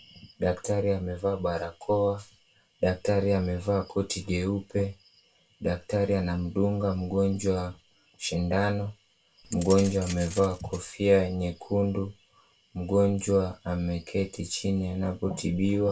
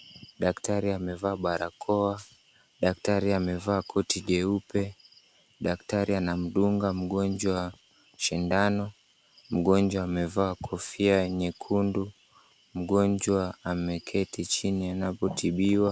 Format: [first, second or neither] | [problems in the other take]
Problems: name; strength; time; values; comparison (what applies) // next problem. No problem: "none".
second | background sound (Keys jangling); 14 dB below the speech // room echo; dies away in 0.2 s